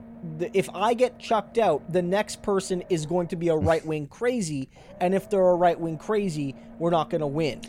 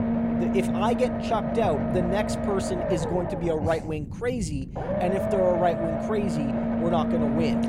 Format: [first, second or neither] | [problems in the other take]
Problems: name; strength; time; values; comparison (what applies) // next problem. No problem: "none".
first | low rumble; loud; throughout; 2 dB below the speech; faint in the first